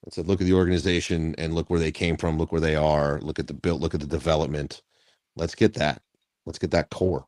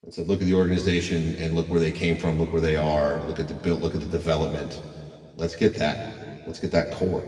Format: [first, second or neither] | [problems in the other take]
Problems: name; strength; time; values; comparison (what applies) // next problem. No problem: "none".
first | room echo; noticeable; dies away in 1.9 s // off-mic speech; far